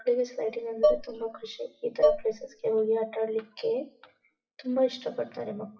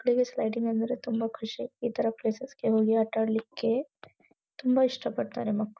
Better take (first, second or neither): second